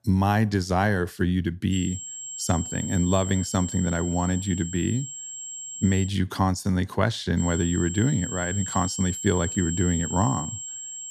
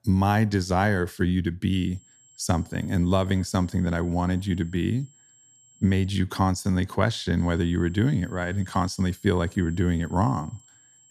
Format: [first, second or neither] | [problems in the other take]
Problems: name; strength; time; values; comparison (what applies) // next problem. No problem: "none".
second | high-pitched whine; loud; from 1.5 to 6 s and from 7.5 s on; 7.5 kHz, 7 dB below the speech; faint in the second